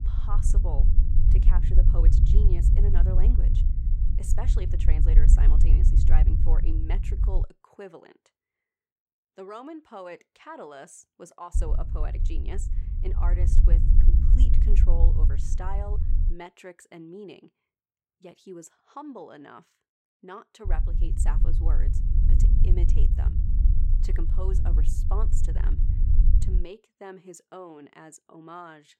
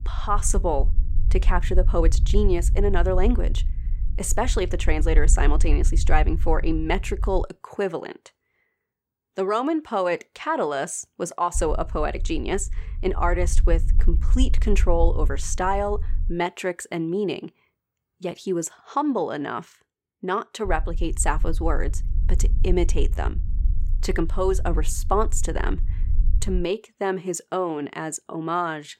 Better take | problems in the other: second | low rumble; loud; until 7.5 s, from 12 to 16 s and from 21 to 27 s; 2 dB below the speech; faint in the second

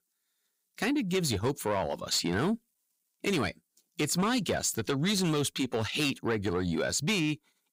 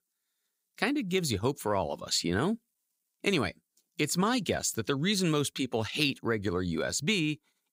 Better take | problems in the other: second | distortion; slight; 10 dB below the speech

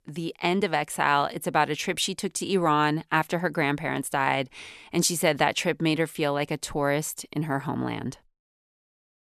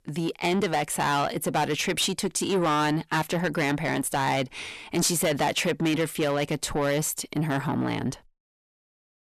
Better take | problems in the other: first | distortion; heavy; 7 dB below the speech

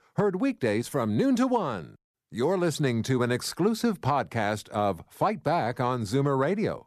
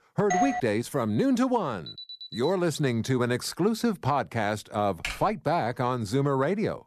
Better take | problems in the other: first | doorbell; noticeable; at 0.5 s; peak level with the speech // alarm; faint; at 2 s; peak 10 dB below the speech // keyboard typing; noticeable; at 5 s; peak 8 dB below the speech

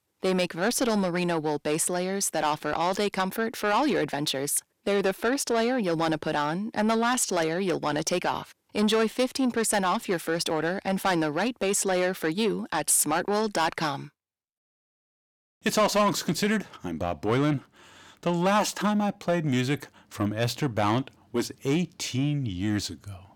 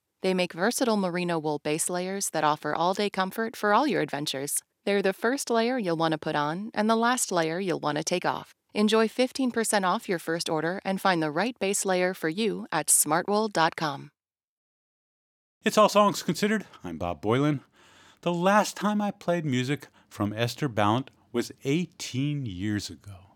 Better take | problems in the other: second | distortion; slight; 10 dB below the speech

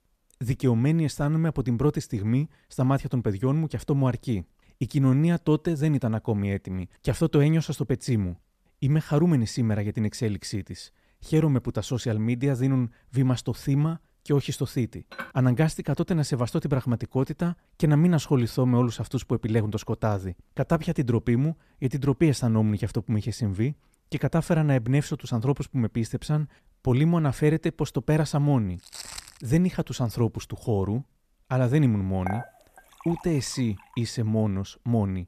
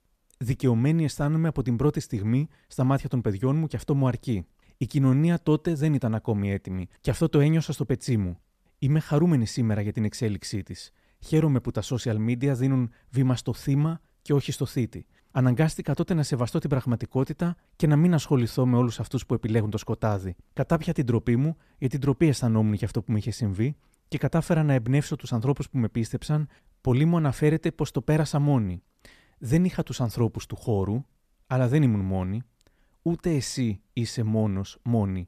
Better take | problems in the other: second | clattering dishes; faint; at 15 s; peak 15 dB below the speech // footsteps; faint; at 29 s; peak 10 dB below the speech // clattering dishes; noticeable; at 32 s; peak 10 dB below the speech

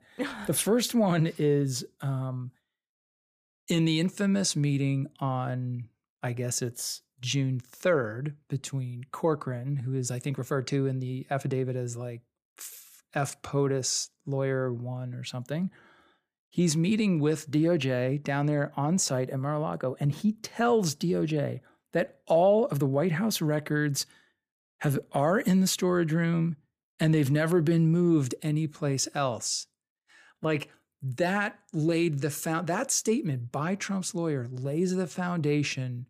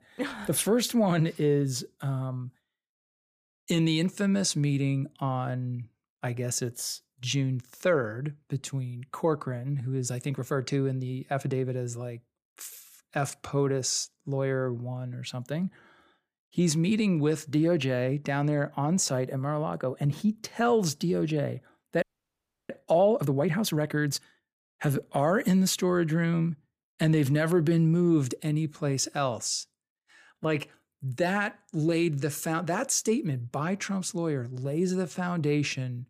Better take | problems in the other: first | audio freezing; at 22 s for 0.5 s

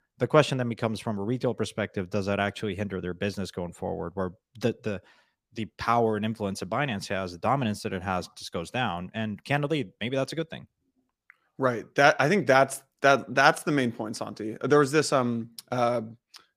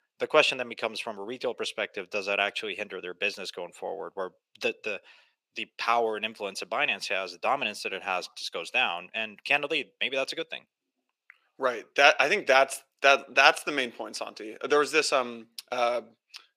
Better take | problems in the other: first | thin; somewhat; fading below 500 Hz

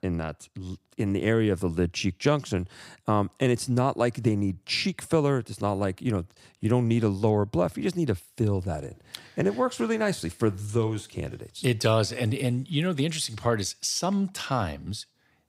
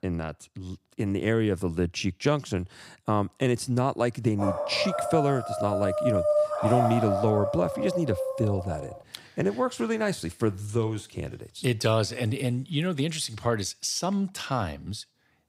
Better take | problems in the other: first | dog barking; loud; from 4.5 to 9 s; peak 4 dB above the speech

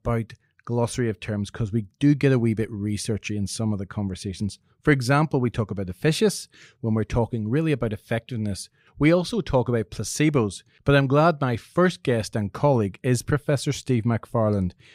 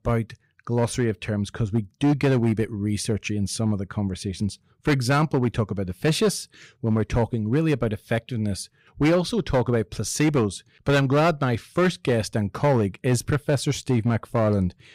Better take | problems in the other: first | distortion; slight; 6% of the sound clipped

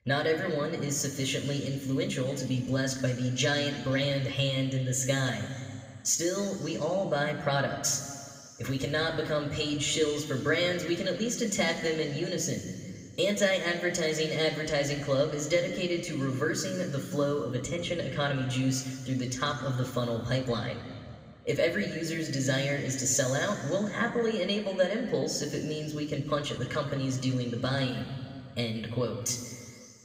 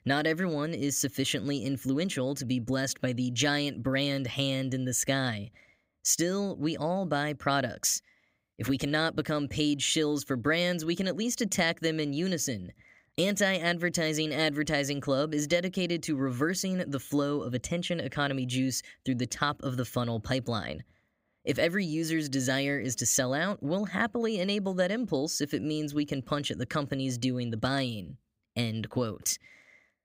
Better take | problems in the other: second | room echo; slight; dies away in 2.2 s // off-mic speech; somewhat distant

